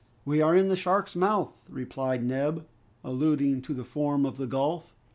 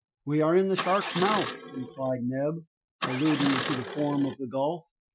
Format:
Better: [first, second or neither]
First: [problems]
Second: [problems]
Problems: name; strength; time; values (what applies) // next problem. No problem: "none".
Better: first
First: none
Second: noise reduction (classical method Wiener filter)